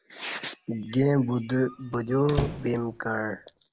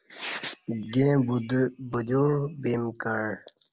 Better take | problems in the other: second | background sound (Squeak); 10 dB below the speech

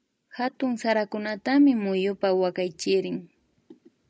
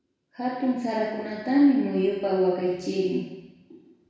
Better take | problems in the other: first | room echo; dies away in 1.1 s

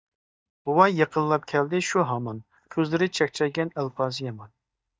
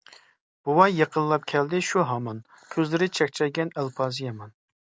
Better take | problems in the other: second | noise reduction (neural mask model DeepFilterNet 3)

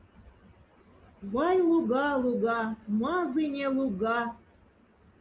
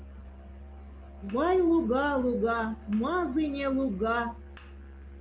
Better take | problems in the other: first | background sound (Musical instrument); 16 dB below the speech

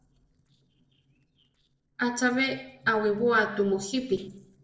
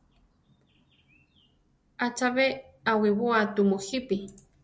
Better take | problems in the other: second | noise reduction (neural separator model SepFormer DNS4)

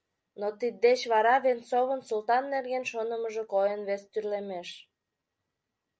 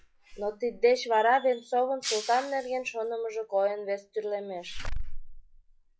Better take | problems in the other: first | noise reduction (classical method log-MMSE)

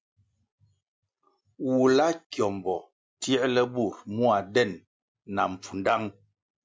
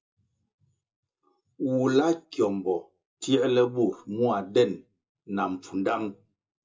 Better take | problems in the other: first | room echo; dies away in 0.2 s

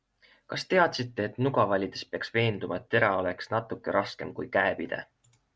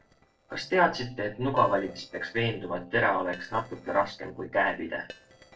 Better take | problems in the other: first | noise reduction (neural separator model SepFormer DNS4)

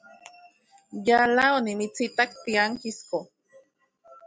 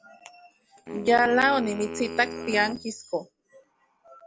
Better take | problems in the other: first | background sound (Wind instrument, woodwind instrument); 11 dB below the speech

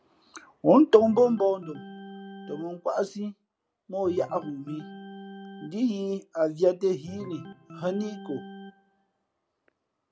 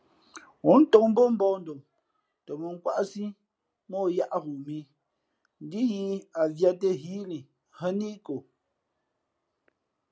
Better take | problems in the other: second | background sound (Organ); 18 dB below the speech

